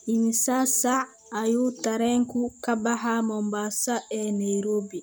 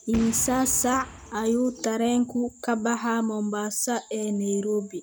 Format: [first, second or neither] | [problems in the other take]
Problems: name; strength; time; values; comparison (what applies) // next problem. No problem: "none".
first | background sound (Boom); 15 dB below the speech